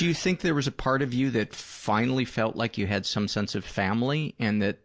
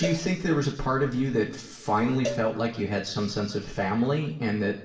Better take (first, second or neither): first